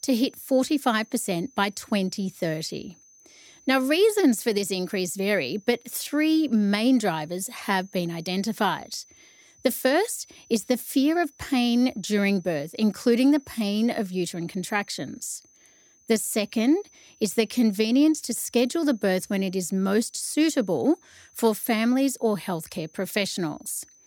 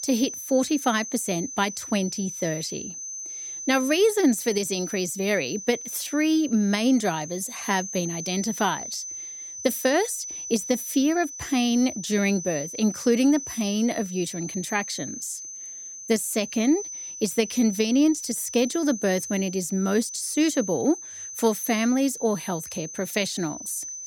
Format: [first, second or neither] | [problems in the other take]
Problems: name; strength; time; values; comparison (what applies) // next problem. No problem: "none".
first | high-pitched whine; loud; throughout; 6 kHz, 9 dB below the speech; faint in the first